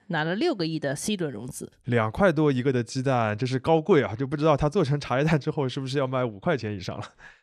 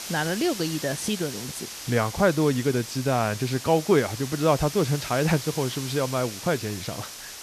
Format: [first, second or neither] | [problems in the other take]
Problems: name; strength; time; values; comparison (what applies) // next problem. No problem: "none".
first | hiss; loud; throughout; 10 dB below the speech